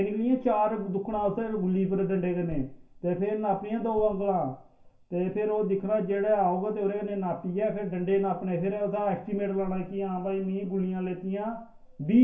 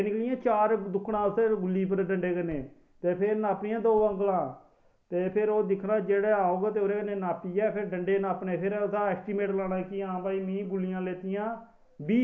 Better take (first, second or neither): second